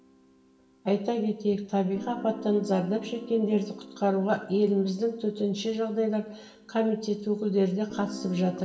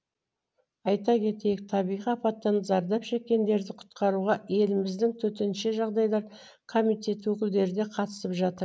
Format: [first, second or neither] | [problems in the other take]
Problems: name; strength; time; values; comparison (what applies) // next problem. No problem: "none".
second | background sound (Guitar); 17 dB below the speech // room echo; dies away in 1 s